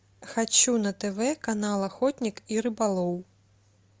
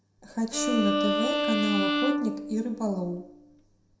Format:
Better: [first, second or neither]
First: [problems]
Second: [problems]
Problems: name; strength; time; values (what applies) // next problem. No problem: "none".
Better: first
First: none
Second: background sound (Bowed string instrument); 1 dB above the speech // room echo; dies away in 0.6 s